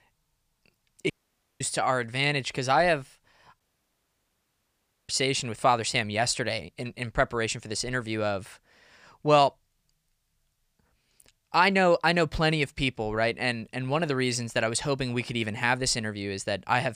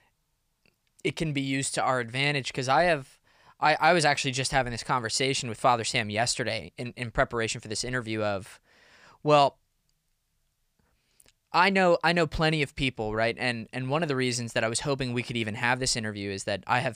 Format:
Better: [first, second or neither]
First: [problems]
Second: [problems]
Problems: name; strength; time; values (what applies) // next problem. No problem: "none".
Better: second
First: audio cutting out; at 1 s for 0.5 s and at 3.5 s for 1.5 s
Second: none